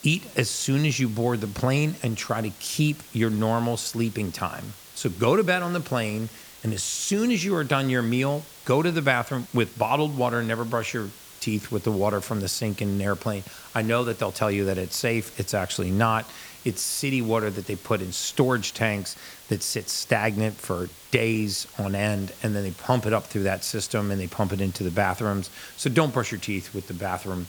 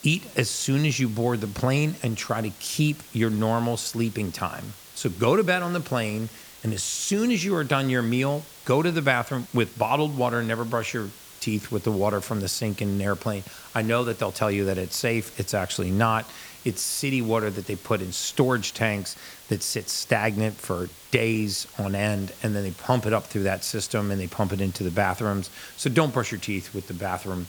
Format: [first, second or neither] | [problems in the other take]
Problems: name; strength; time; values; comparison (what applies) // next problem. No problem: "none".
neither | hiss; noticeable; throughout; 20 dB below the speech; the same in both